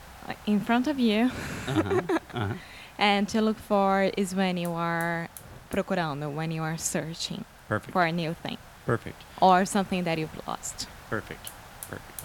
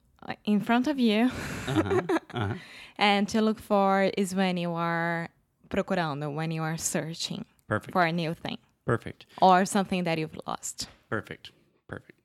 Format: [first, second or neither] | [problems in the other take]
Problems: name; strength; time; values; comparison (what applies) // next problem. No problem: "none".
second | hiss; noticeable; throughout; 20 dB below the speech